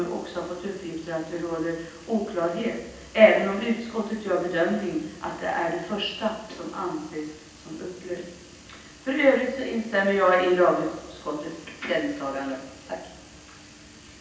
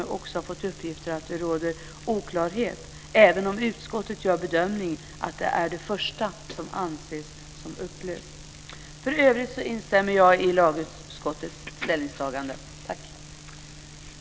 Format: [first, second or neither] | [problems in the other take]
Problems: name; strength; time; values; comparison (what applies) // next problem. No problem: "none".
second | room echo; dies away in 0.9 s